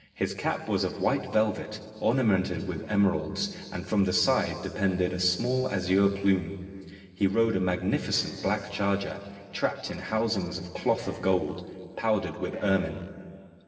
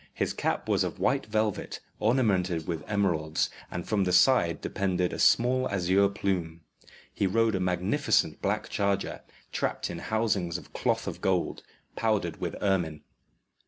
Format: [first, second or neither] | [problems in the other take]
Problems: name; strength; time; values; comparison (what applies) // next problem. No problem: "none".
second | noise reduction (neural separator model SepFormer DNS4)